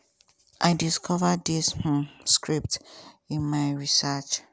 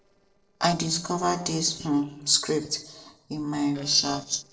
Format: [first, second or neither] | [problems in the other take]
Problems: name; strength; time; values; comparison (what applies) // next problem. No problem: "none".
first | noise reduction (neural separator model SepFormer DNS4)